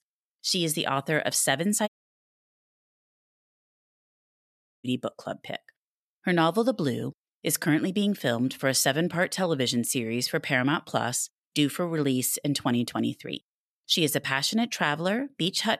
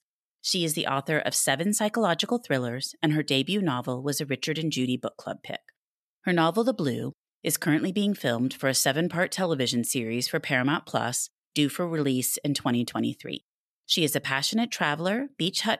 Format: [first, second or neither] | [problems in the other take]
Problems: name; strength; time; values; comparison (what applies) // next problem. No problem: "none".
second | audio cutting out; at 2 s for 3 s